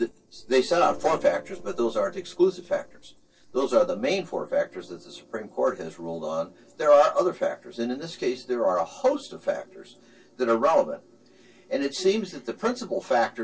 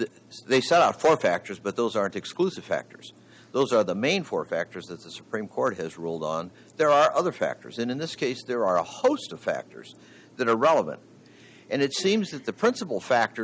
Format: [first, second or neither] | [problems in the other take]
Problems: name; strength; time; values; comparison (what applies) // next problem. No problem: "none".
second | noise reduction (neural separator model SepFormer DNS4)